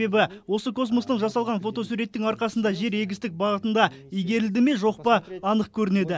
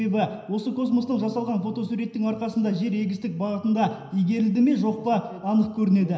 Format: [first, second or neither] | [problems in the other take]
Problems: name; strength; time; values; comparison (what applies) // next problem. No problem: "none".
first | room echo; dies away in 0.9 s